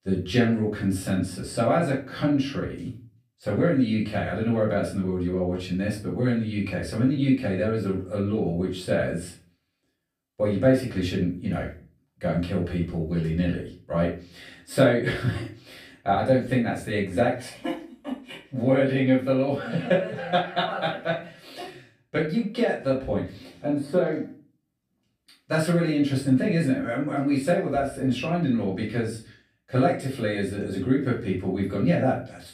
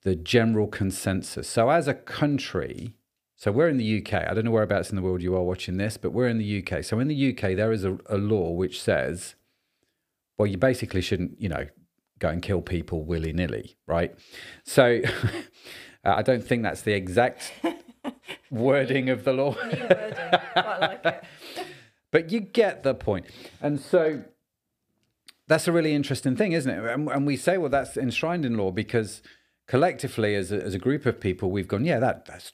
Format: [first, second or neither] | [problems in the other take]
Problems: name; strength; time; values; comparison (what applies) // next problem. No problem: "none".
second | off-mic speech; far // room echo; slight; dies away in 0.3 s